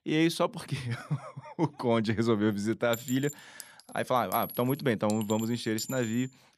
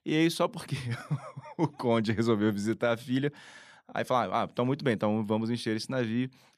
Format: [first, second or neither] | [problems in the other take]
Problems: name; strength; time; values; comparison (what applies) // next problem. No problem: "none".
second | clattering dishes; noticeable; from 3 s on; peak 8 dB below the speech